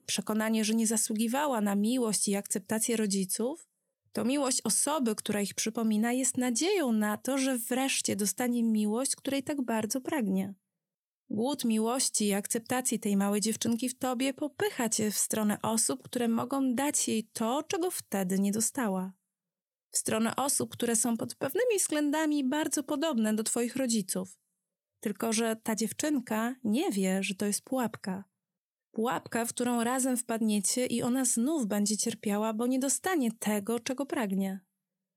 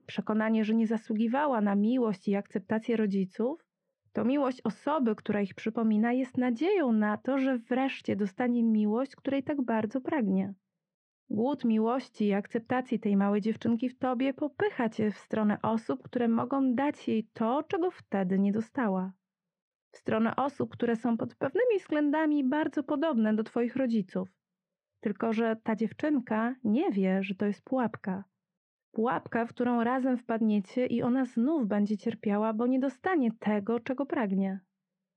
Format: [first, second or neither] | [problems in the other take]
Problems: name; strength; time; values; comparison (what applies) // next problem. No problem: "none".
first | muffled; very; fading above 2 kHz